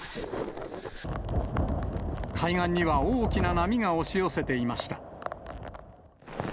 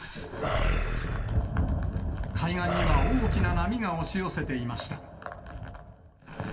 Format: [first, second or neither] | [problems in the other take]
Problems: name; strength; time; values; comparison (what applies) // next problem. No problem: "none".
first | background sound (Animal); 1 dB above the speech // room echo; dies away in 0.6 s